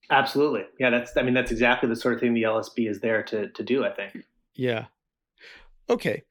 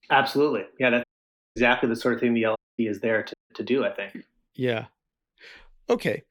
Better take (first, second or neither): first